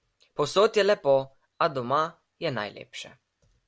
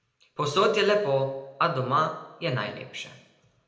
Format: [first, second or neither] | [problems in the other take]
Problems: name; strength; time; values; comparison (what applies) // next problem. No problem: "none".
first | room echo; dies away in 0.8 s